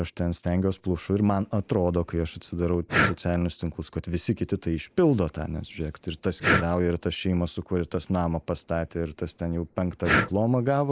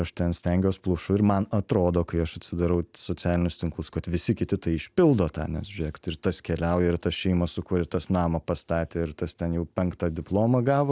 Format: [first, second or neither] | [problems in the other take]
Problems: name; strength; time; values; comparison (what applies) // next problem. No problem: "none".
second | noise reduction (neural mask model Resemble Enhance denoiser)